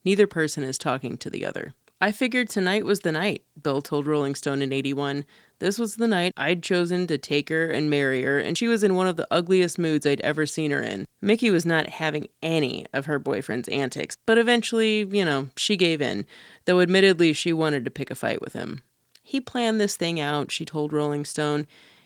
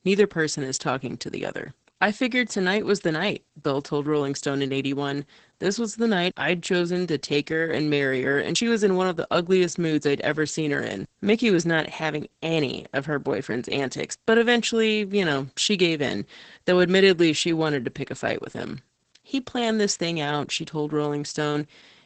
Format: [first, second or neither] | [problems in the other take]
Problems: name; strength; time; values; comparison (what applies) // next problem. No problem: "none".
first | garbled, watery; badly; nothing above 8 kHz; slightly in the first